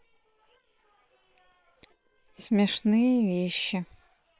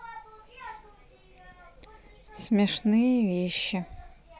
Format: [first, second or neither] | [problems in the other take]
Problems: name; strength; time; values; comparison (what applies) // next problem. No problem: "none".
second | noise reduction (neural separator model SepFormer WHAM!)